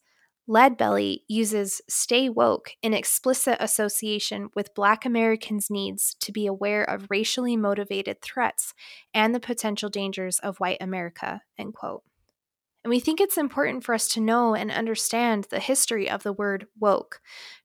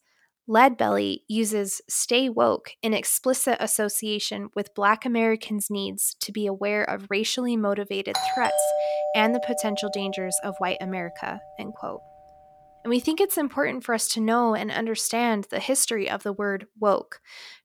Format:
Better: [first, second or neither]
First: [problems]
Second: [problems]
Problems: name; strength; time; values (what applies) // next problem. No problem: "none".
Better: first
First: none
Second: doorbell; loud; from 8 to 11 s; peak level with the speech